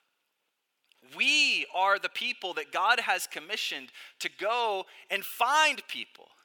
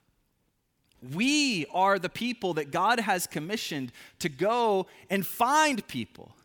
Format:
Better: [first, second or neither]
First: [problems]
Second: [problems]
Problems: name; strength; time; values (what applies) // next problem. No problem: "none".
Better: second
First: thin; very; fading below 600 Hz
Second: none